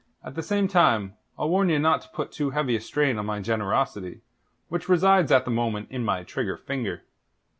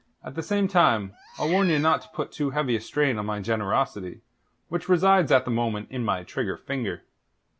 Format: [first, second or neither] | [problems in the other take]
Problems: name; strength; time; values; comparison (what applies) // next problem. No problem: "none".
first | background sound (Meow); 14 dB below the speech